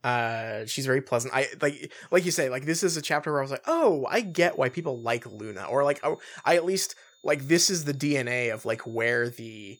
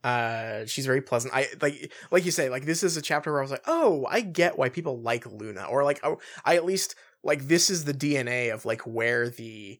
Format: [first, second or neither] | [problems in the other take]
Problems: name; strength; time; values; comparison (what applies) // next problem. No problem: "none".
second | high-pitched whine; faint; from 4 s on; 3.5 kHz, 35 dB below the speech